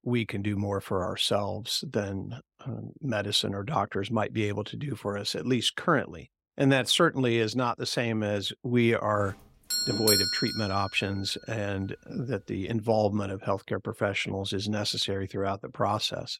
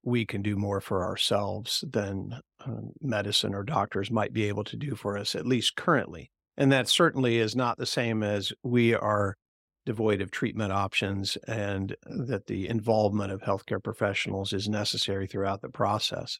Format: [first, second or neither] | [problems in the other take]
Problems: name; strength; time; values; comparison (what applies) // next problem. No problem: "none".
second | doorbell; loud; at 9.5 s; peak 5 dB above the speech